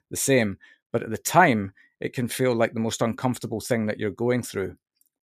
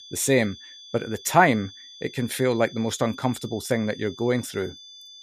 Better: first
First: none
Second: high-pitched whine; noticeable; throughout; 3.5 kHz, 20 dB below the speech

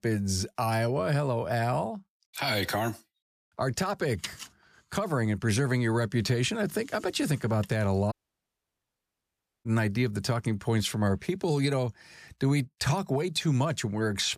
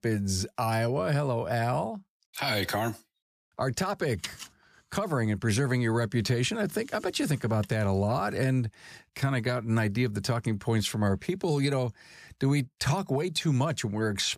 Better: second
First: audio cutting out; at 8 s for 1.5 s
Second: none

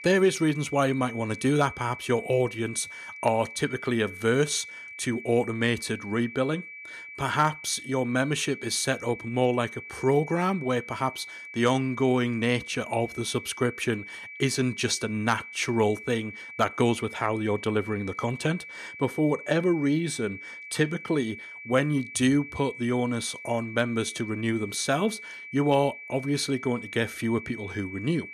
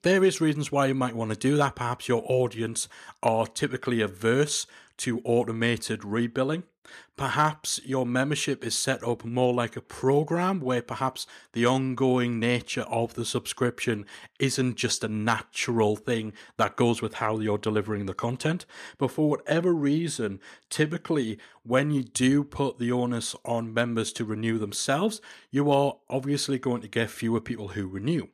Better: second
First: high-pitched whine; noticeable; throughout; 2.5 kHz, 15 dB below the speech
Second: none

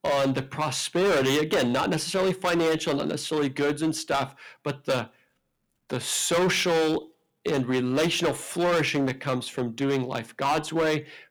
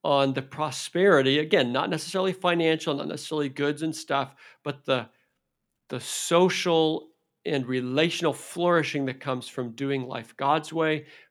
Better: second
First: distortion; heavy; 14% of the sound clipped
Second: none

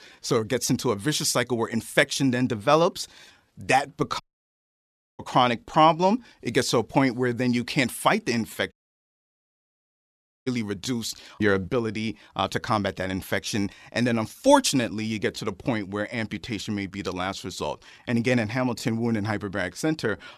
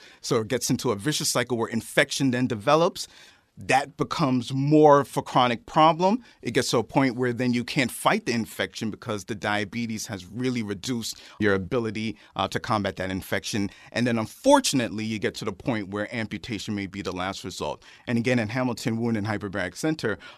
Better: second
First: audio cutting out; at 4 s for 1 s and at 8.5 s for 1.5 s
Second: none

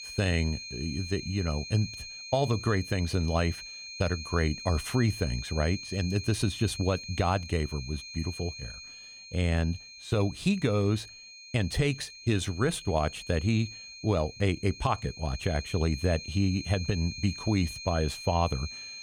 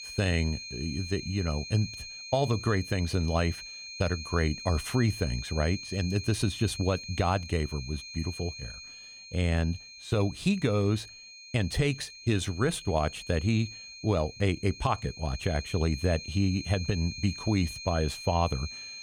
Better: neither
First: high-pitched whine; noticeable; throughout; 4 kHz, 10 dB below the speech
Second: high-pitched whine; noticeable; throughout; 4 kHz, 10 dB below the speech

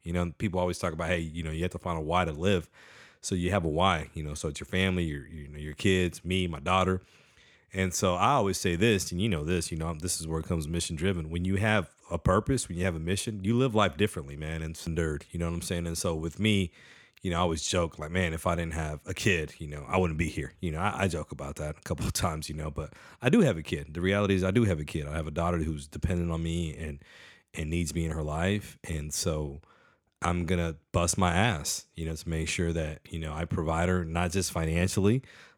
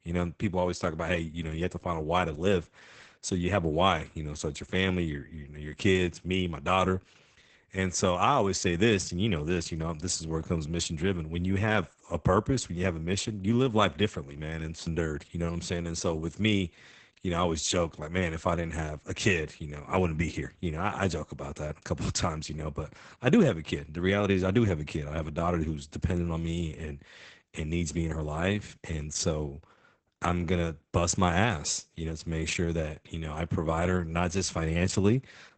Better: first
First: none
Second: garbled, watery; badly; nothing above 8 kHz

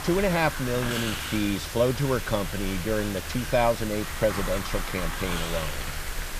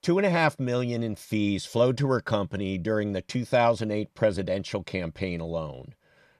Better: second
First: hiss; loud; throughout; 5 dB below the speech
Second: none

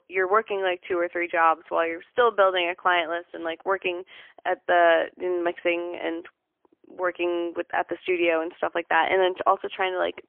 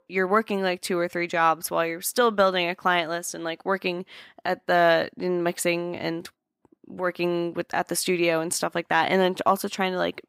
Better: second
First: phone-call audio; poor line; nothing above 3 kHz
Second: none

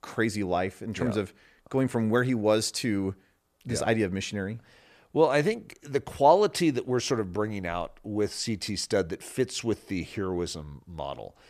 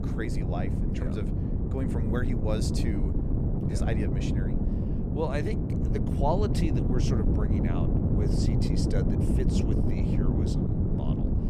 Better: first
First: none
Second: wind noise on the microphone; heavy; 1 dB above the speech

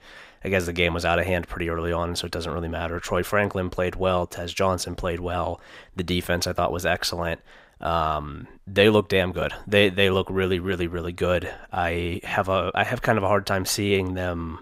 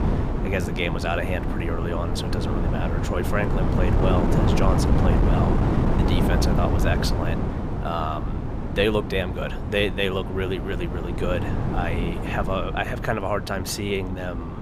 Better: first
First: none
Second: wind noise on the microphone; heavy; 3 dB below the speech

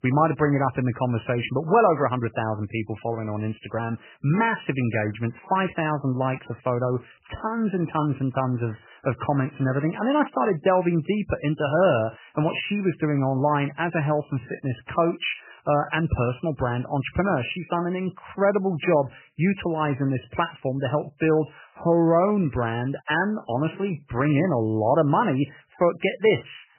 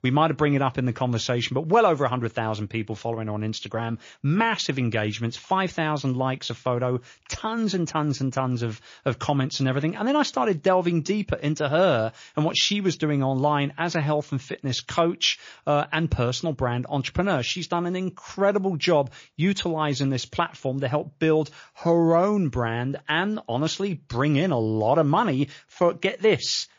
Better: second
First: garbled, watery; badly; nothing above 3 kHz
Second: garbled, watery; slightly; nothing above 6.5 kHz

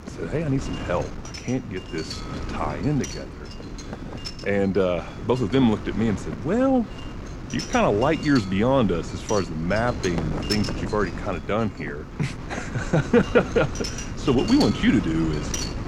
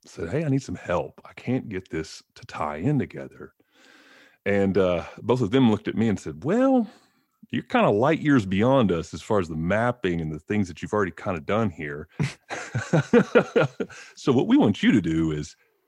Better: second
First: wind noise on the microphone; heavy; 10 dB below the speech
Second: none

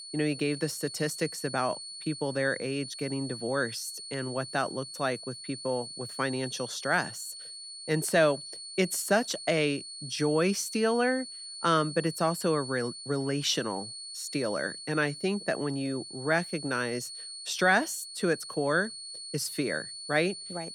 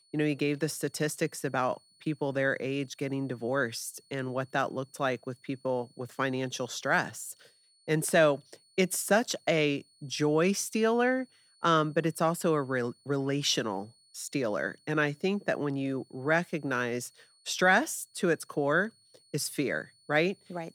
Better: second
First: high-pitched whine; loud; throughout; 4.5 kHz, 9 dB below the speech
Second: high-pitched whine; faint; throughout; 4.5 kHz, 30 dB below the speech

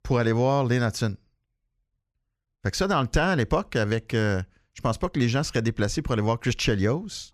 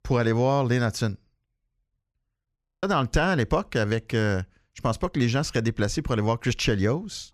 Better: first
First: none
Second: audio freezing; at 2.5 s

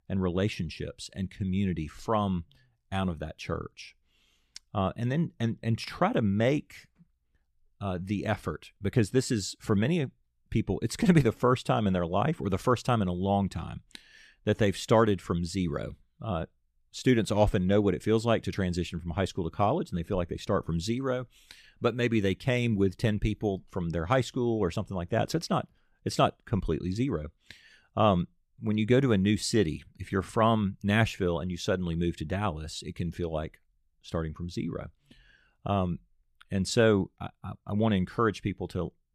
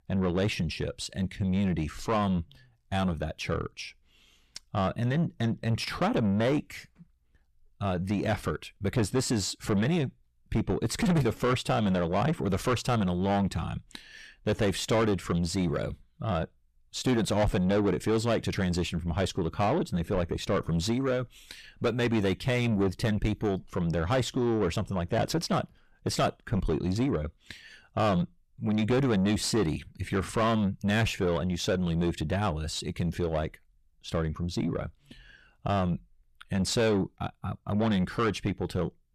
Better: first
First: none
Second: distortion; heavy; 7 dB below the speech

